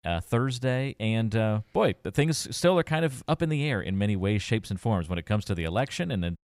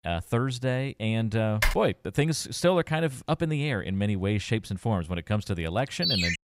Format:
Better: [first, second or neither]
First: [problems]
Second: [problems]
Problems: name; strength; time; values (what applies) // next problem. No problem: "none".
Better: first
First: none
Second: keyboard typing; noticeable; at 1.5 s; peak 1 dB below the speech // phone ringing; loud; at 6 s; peak 3 dB above the speech